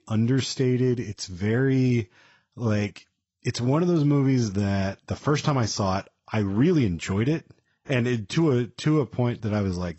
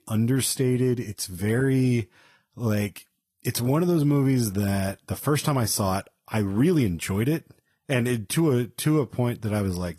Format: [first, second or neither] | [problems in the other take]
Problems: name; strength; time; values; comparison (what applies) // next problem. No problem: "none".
second | garbled, watery; badly; nothing above 8 kHz; slightly in the second